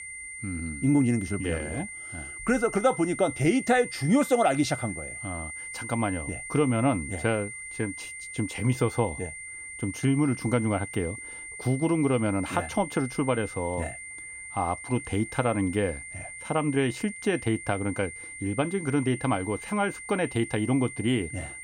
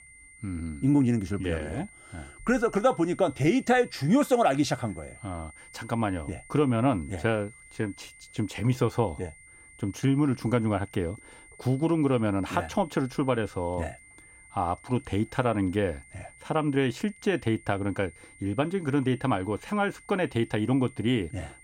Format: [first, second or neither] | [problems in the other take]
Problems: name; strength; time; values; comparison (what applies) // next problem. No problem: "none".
second | high-pitched whine; loud; throughout; 2 kHz, 10 dB below the speech; faint in the second